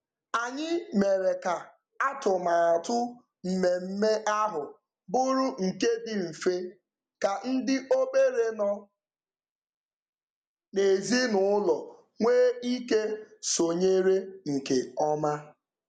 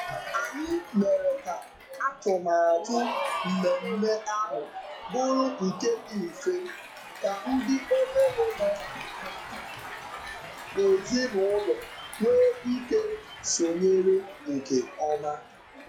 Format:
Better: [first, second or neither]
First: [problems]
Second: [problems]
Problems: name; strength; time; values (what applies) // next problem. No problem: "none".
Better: first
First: none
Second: noise reduction (classical method log-MMSE)